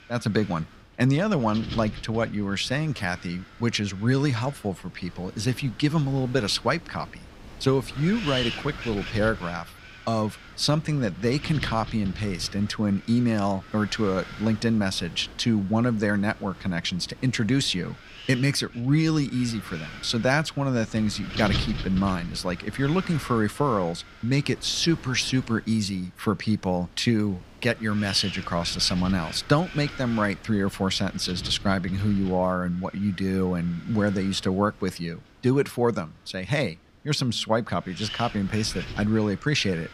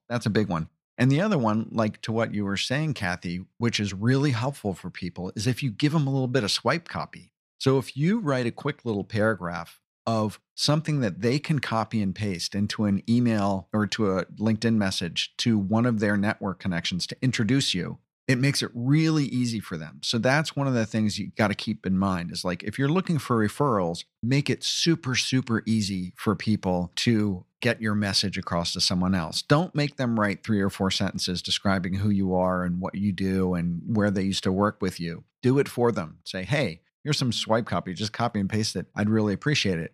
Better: second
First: wind noise on the microphone; occasional gusts; 10 dB below the speech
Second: none

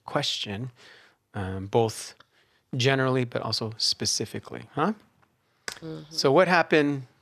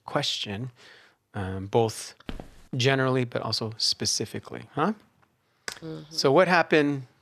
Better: first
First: none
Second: footsteps; faint; at 2.5 s; peak 15 dB below the speech

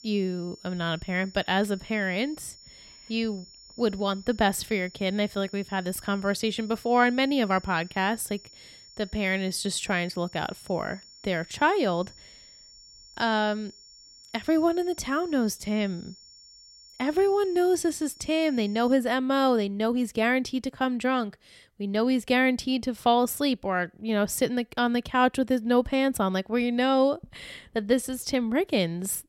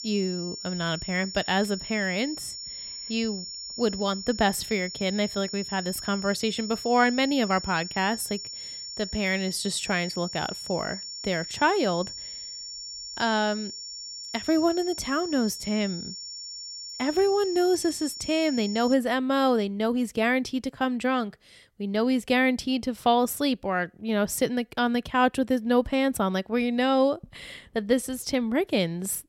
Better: first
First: high-pitched whine; faint; until 19 s; 5.5 kHz, 20 dB below the speech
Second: high-pitched whine; loud; until 19 s; 5.5 kHz, 9 dB below the speech

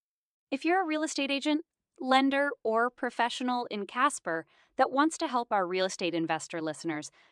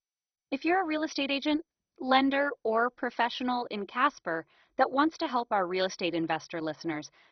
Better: first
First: none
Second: garbled, watery; badly; nothing above 6 kHz

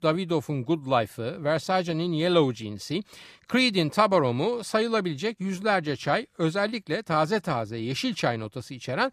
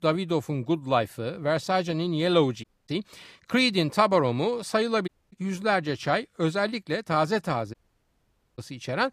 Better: first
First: none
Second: audio cutting out; at 2.5 s, at 5 s and at 7.5 s for 1 s

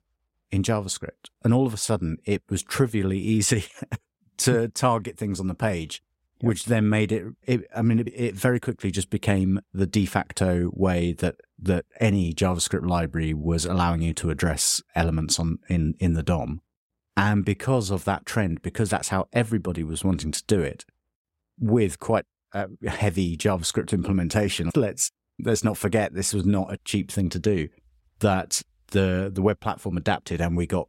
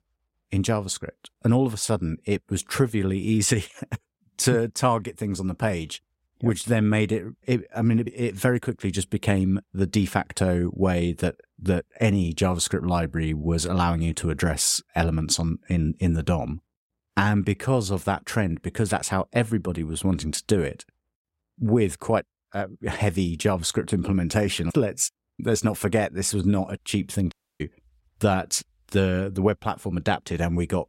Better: first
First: none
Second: audio cutting out; at 27 s

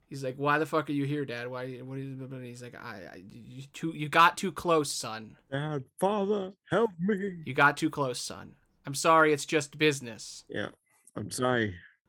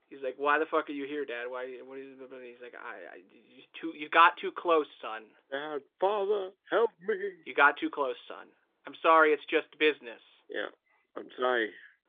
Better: first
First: none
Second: phone-call audio; nothing above 3.5 kHz

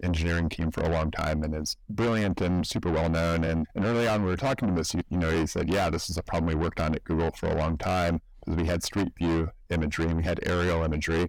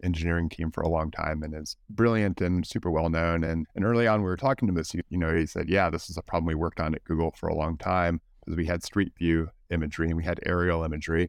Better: second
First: distortion; heavy; 6 dB below the speech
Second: none

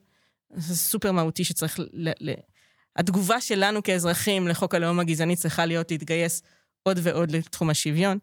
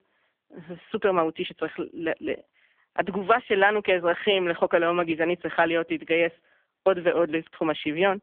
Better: first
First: none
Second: phone-call audio; poor line; nothing above 3.5 kHz

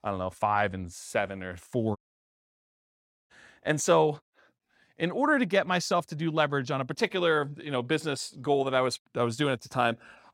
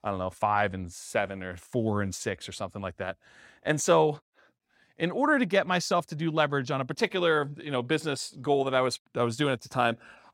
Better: second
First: audio cutting out; at 2 s for 1.5 s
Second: none

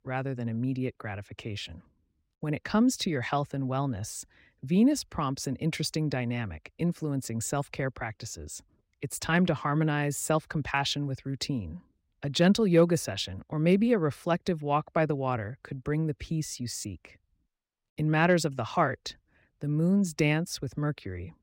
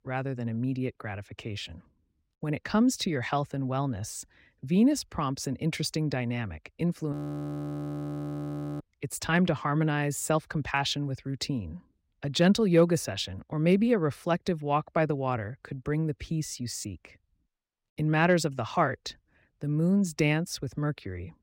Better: first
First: none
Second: audio freezing; at 7 s for 1.5 s

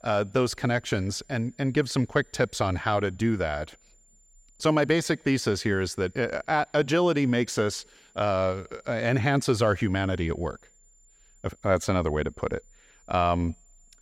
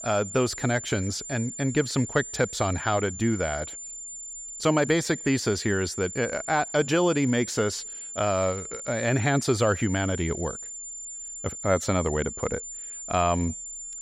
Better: first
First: high-pitched whine; faint; throughout; 7 kHz, 30 dB below the speech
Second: high-pitched whine; loud; throughout; 7 kHz, 9 dB below the speech

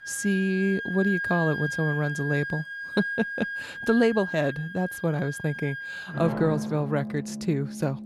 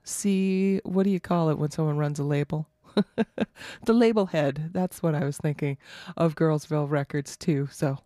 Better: second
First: background music; loud; throughout; 5 dB below the speech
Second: none

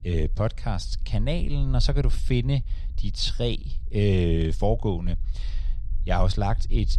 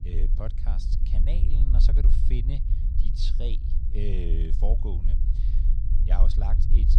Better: first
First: low rumble; faint; throughout; 25 dB below the speech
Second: low rumble; loud; throughout; 5 dB below the speech

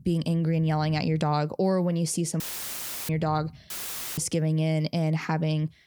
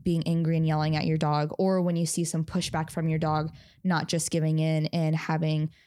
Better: second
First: audio cutting out; filled with static; at 2.5 s for 0.5 s and at 3.5 s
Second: none

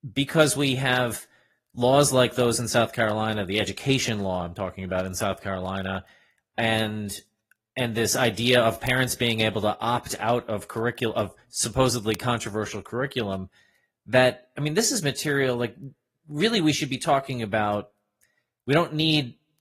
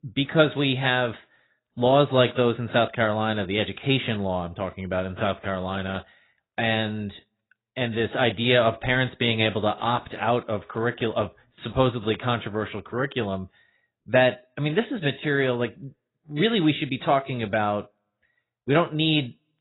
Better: first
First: garbled, watery; slightly; nothing above 14.5 kHz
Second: garbled, watery; badly; nothing above 4 kHz

